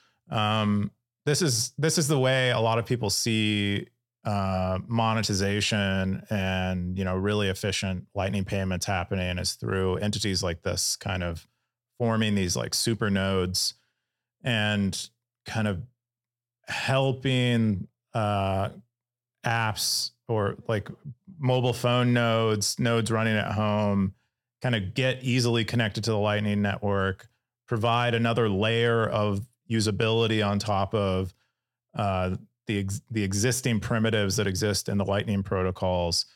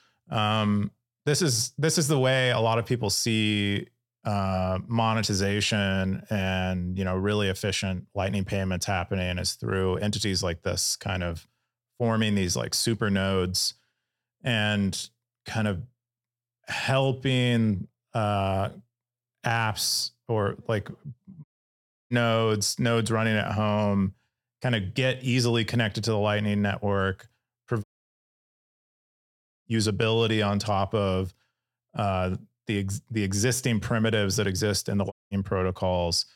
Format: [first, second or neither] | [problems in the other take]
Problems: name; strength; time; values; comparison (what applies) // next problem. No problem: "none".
first | audio cutting out; at 21 s for 0.5 s, at 28 s for 2 s and at 35 s